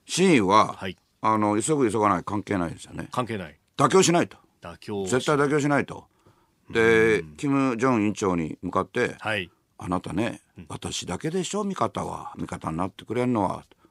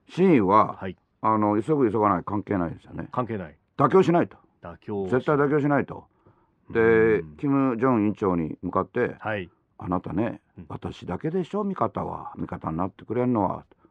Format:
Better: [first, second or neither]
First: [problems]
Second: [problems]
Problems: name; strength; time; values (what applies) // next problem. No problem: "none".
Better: first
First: none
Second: muffled; very; fading above 3.5 kHz